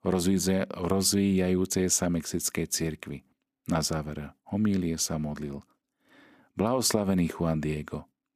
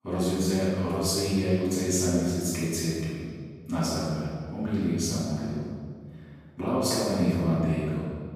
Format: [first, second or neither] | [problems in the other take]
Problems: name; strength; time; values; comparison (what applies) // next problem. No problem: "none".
first | room echo; strong; dies away in 1.9 s // off-mic speech; far